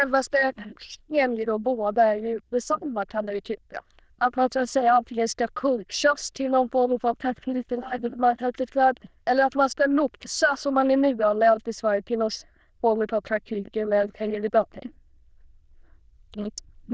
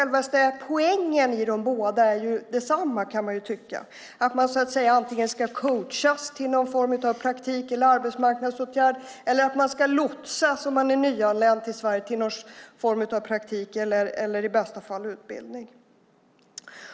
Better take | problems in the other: second | noise reduction (neural diffusion model UNIVERSE++)

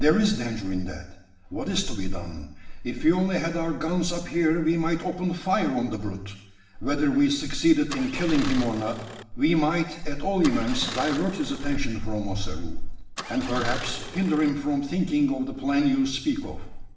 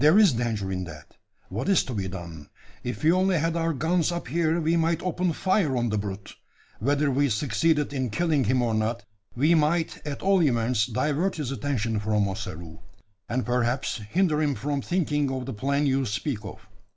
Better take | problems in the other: second | background sound (Engine starting); 13 dB below the speech // room echo; dies away in 0.8 s

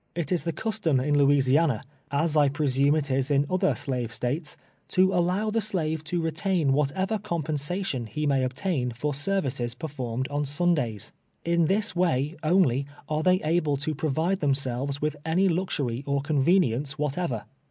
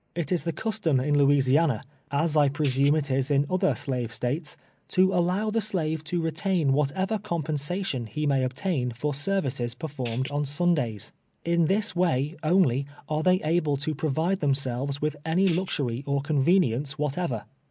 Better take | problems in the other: first | background sound (Tambourine); 19 dB below the speech

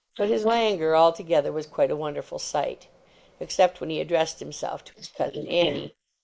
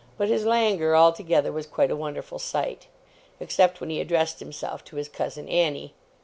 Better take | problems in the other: second | noise reduction (neural mask model Resemble Enhance denoiser)

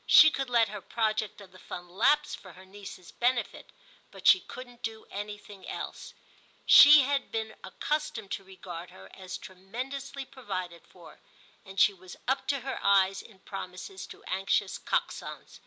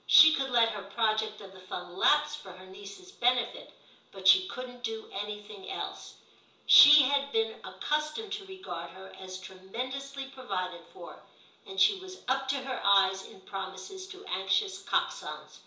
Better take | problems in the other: first | room echo; dies away in 0.7 s

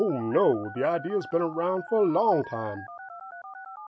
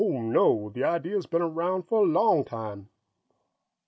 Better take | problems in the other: second | background sound (Telephone); 15 dB below the speech

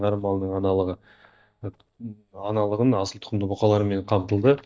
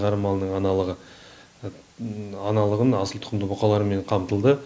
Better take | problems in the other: second | noise reduction (neural mask model DeepFilterNet 3)

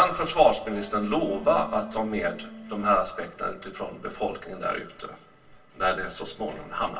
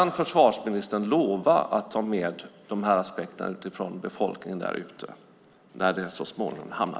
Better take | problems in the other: second | background sound (Electric guitar); 14 dB below the speech // room echo; dies away in 0.2 s

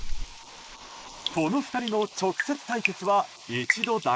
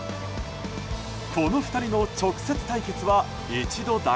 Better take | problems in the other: second | noise reduction (neural mask model Resemble Enhance denoiser)

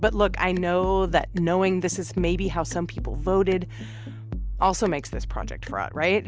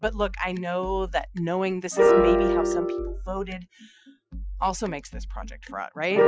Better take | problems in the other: first | noise reduction (classical method Wiener filter)

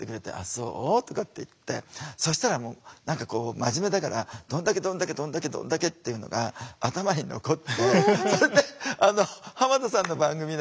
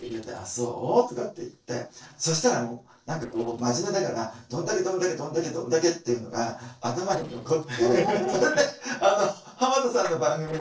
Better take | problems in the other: first | noise reduction (neural separator model SepFormer DNS4)

